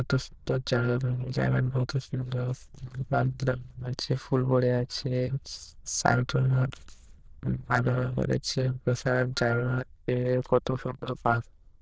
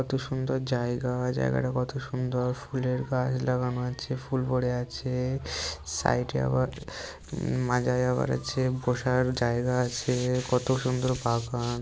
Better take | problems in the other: second | noise reduction (neural diffusion model UNIVERSE++)

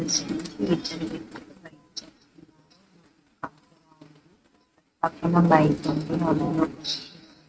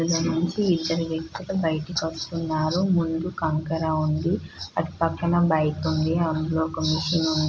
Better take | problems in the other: second | noise reduction (neural mask model RNNoise)

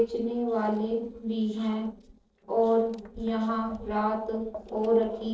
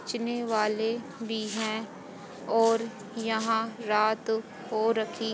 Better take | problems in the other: second | noise reduction (neural separator model SepFormer DNS4)

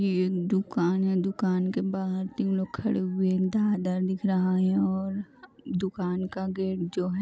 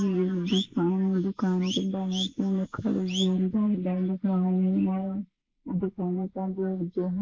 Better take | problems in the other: first | noise reduction (neural mask model Resemble Enhance denoiser)

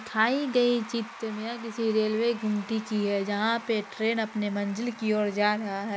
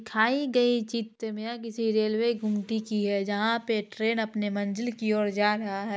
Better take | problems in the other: second | background sound (Applause / Crowd / Cheering); 17 dB below the speech

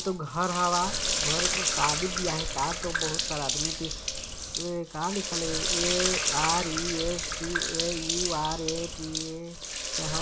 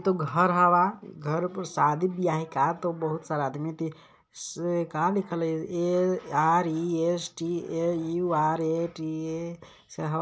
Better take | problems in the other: second | background sound (Sink (filling or washing)); 2 dB above the speech

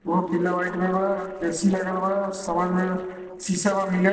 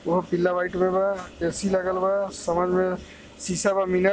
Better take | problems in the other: second | noise reduction (neural separator model SepFormer DNS4)

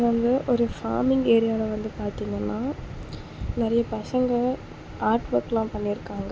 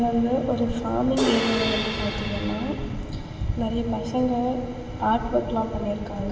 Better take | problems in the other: first | background sound (Crash cymbal); 5 dB below the speech // room echo; dies away in 2.9 s

